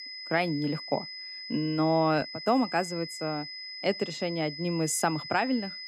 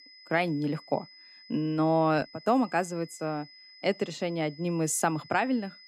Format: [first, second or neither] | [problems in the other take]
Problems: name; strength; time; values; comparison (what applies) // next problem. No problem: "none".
second | high-pitched whine; loud; throughout; 5 kHz, 9 dB below the speech; faint in the second